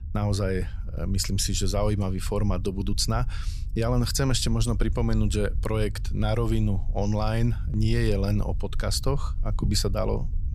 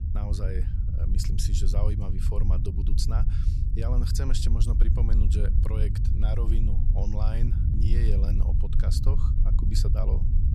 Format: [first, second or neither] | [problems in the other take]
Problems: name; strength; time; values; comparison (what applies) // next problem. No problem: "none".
first | low rumble; loud; throughout; 3 dB below the speech; faint in the first